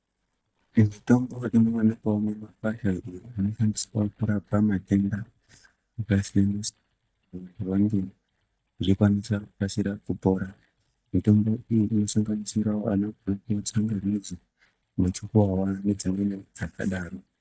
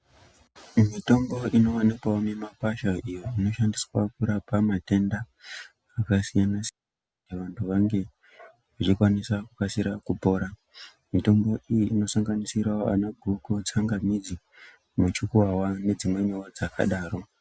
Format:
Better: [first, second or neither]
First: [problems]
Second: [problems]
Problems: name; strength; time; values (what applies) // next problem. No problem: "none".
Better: second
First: noise reduction (neural mask model DeepFilterNet 3)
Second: none